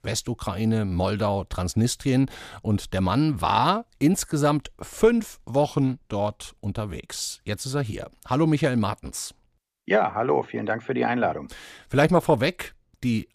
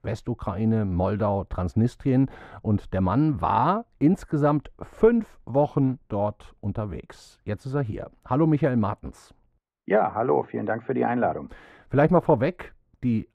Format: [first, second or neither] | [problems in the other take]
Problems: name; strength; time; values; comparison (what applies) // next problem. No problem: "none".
first | muffled; very; fading above 2.5 kHz